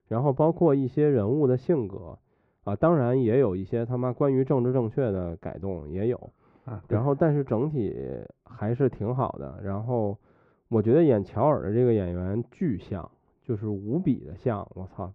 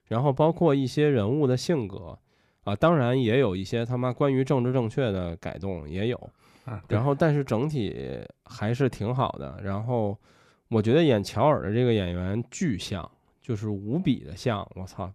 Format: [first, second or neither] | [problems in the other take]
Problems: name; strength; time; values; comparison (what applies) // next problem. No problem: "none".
second | muffled; very; fading above 3.5 kHz